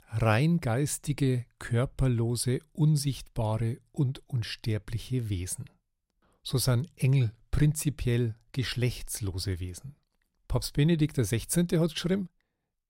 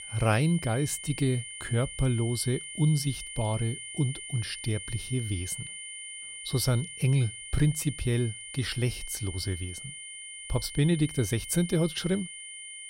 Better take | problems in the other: first | high-pitched whine; loud; throughout; 2 kHz, 9 dB below the speech

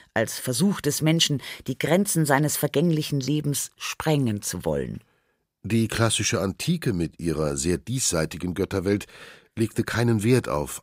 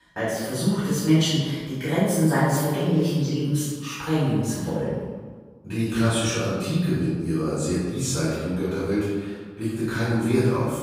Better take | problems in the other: first | off-mic speech; far // room echo; strong; dies away in 1.3 s

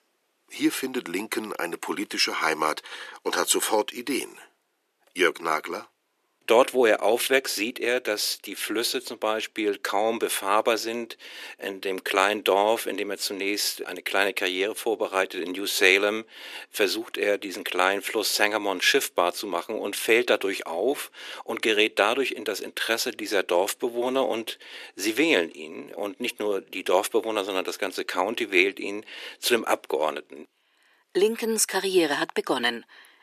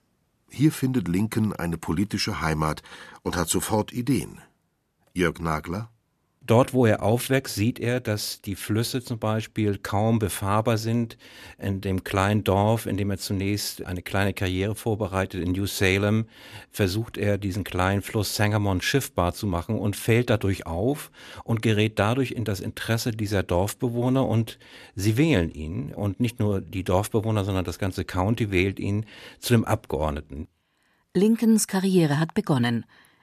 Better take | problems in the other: second | thin; very; fading below 350 Hz

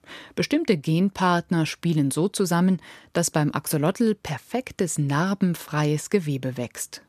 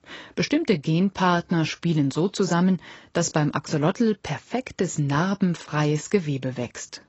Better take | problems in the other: first | garbled, watery; badly; nothing above 7.5 kHz

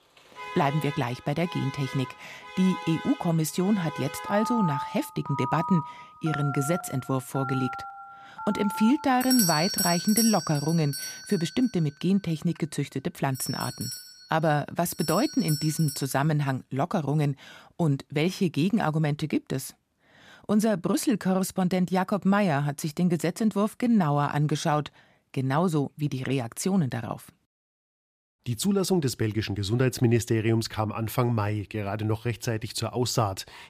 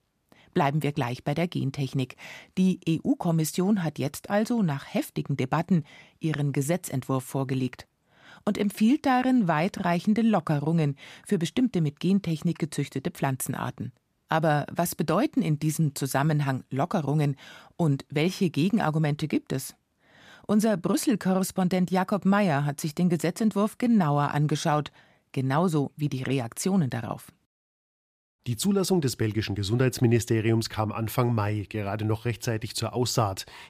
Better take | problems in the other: second | alarms or sirens; loud; until 16 s; 6 dB below the speech

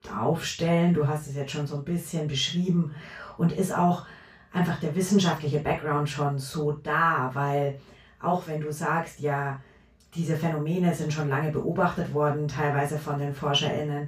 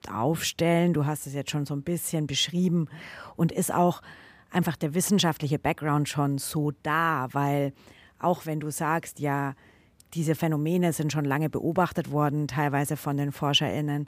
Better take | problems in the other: second | room echo; slight; dies away in 0.2 s // off-mic speech; far

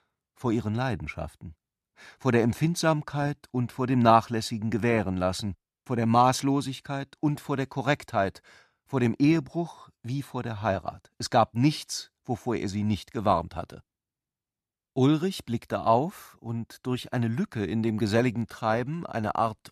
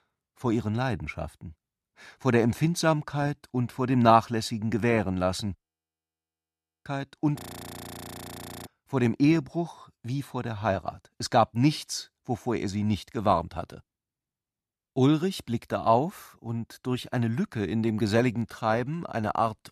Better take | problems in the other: first | audio freezing; at 5.5 s for 1 s and at 7.5 s for 1.5 s

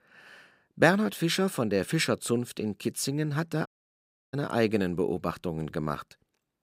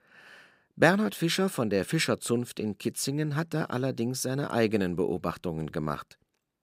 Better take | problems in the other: second | audio cutting out; at 3.5 s for 0.5 s

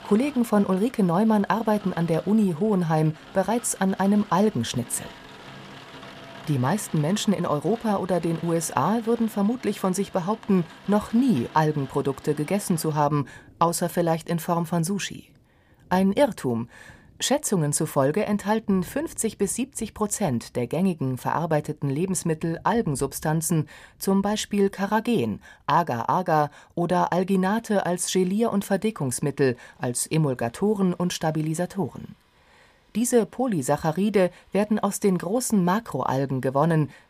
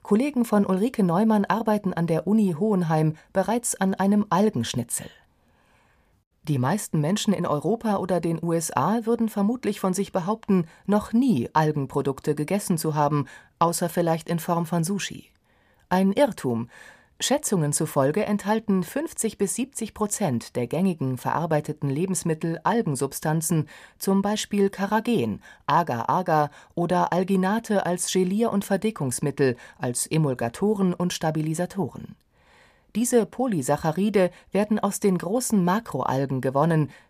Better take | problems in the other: second | rain or running water; faint; throughout; 20 dB below the speech

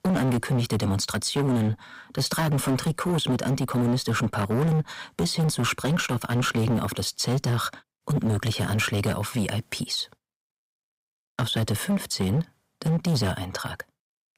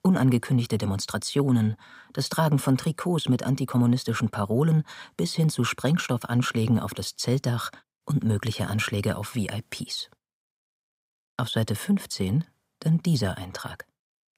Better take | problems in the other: second | distortion; heavy; 17% of the sound clipped

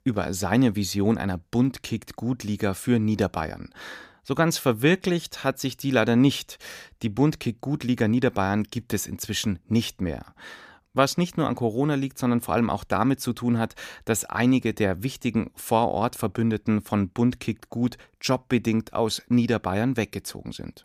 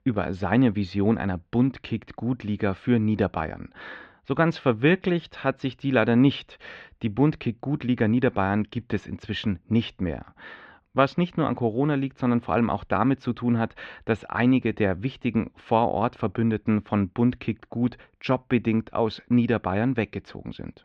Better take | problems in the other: first | muffled; very; fading above 3 kHz

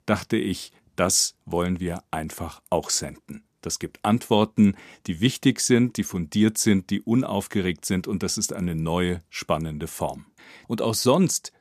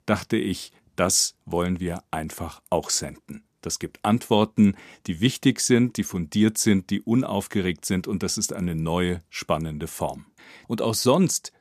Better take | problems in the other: neither | none

